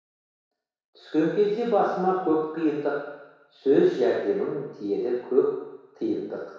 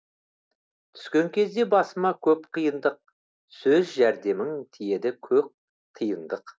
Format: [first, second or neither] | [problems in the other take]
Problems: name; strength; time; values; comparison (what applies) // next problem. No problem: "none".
second | room echo; dies away in 1.1 s